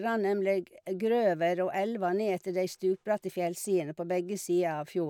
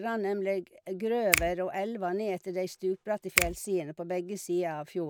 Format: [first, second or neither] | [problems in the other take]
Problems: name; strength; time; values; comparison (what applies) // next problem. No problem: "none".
first | background sound (Finger snapping); 4 dB below the speech